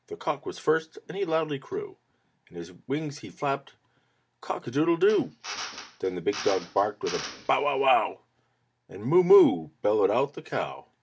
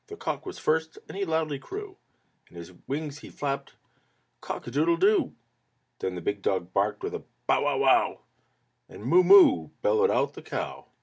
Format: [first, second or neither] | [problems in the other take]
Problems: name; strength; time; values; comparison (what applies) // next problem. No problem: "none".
second | background sound (Drill); 13 dB below the speech